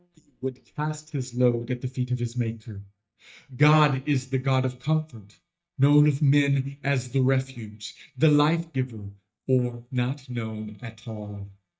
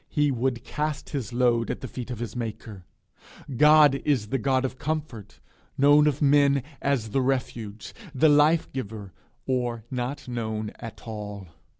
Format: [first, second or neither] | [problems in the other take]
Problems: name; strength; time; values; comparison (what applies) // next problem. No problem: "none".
second | noise reduction (neural mask model DeepFilterNet 3)